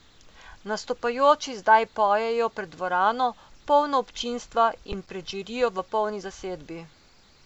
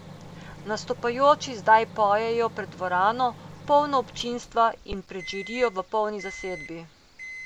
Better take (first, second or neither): first